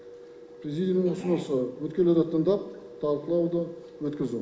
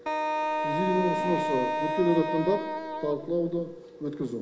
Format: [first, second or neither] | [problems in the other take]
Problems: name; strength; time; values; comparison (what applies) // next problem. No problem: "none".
first | background sound (Wind instrument, woodwind instrument); 1 dB below the speech